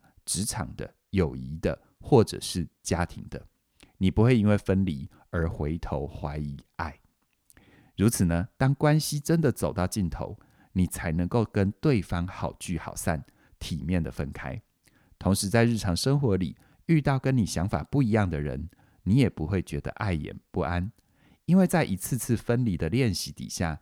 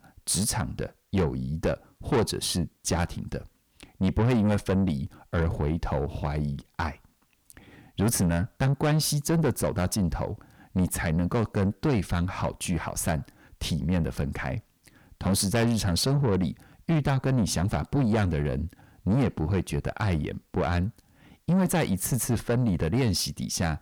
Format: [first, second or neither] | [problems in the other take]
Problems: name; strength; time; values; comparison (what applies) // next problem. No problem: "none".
first | distortion; heavy; 7 dB below the speech